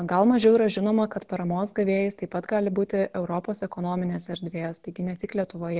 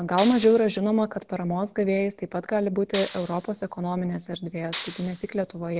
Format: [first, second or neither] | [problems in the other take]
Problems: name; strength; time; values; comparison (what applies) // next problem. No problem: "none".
first | background sound (Clapping); 15 dB below the speech